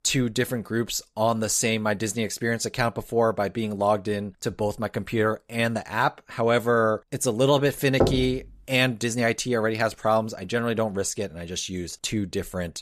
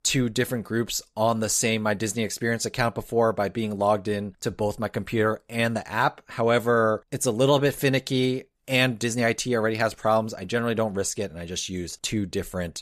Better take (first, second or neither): second